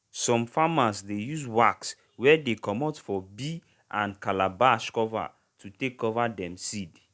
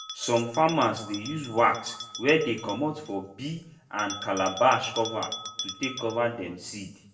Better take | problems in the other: first | background sound (Bell); 13 dB below the speech // room echo; dies away in 0.6 s

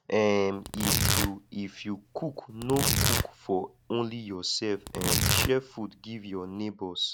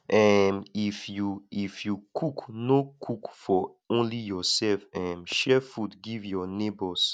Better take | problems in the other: second | background sound (Tearing); 1 dB above the speech

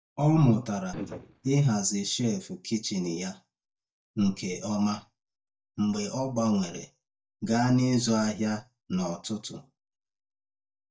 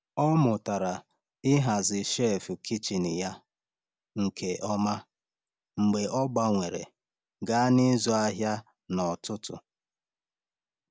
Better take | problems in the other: second | noise reduction (neural mask model DeepFilterNet 3)

